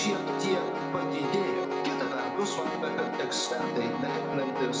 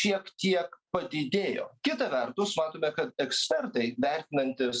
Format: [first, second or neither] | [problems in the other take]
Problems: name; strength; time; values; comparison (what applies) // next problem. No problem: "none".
second | background sound (Piano); 1 dB above the speech // room echo; dies away in 0.6 s